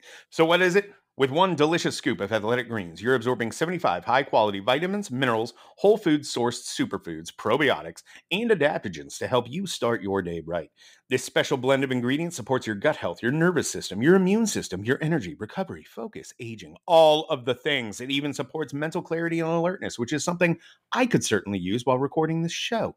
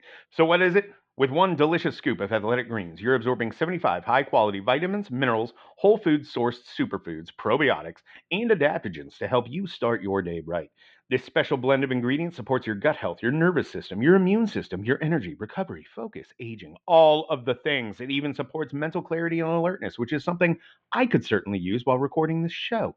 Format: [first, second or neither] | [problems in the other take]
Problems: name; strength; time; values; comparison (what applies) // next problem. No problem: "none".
first | muffled; very; fading above 3 kHz